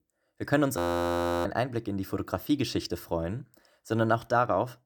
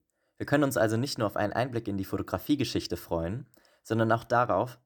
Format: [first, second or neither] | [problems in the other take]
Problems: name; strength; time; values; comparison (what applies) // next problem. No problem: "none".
second | audio freezing; at 1 s for 0.5 s